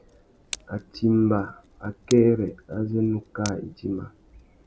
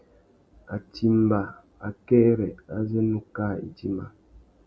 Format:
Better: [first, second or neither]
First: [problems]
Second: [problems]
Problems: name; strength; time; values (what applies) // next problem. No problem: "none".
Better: second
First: background sound (Tick); 19 dB below the speech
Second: none